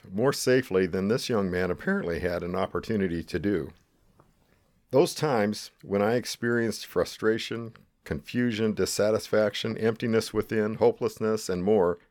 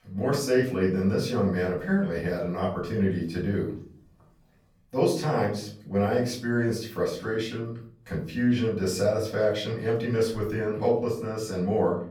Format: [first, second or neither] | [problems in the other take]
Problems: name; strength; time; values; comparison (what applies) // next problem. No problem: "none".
first | off-mic speech; far // room echo; slight; dies away in 0.5 s